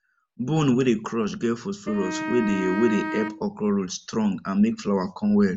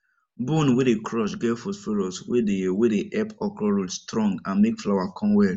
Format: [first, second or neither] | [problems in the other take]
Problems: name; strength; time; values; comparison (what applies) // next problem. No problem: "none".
second | background sound (Wind instrument, woodwind instrument); 8 dB below the speech